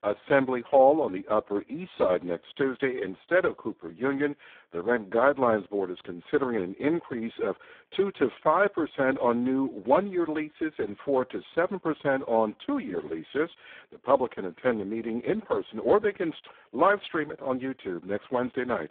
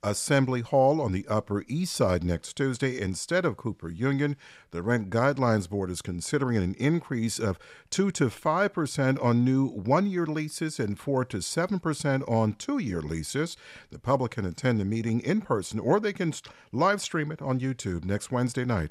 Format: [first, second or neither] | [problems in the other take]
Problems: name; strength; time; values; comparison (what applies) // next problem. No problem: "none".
second | phone-call audio; poor line